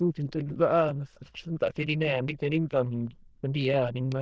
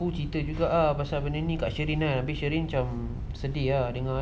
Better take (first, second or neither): second